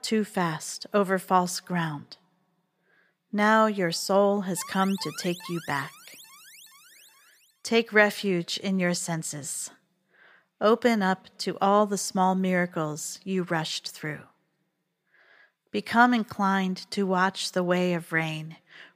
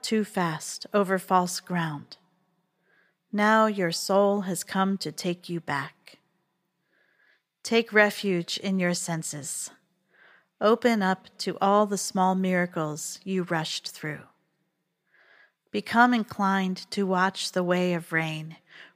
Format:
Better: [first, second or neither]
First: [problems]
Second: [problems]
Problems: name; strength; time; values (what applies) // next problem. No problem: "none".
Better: second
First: alarm; faint; from 4.5 to 7.5 s; peak 15 dB below the speech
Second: none